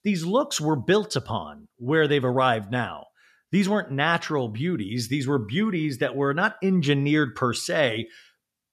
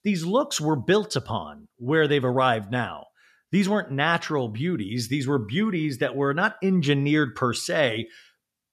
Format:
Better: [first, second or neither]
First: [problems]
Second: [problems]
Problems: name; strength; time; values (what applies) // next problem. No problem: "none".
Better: neither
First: none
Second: none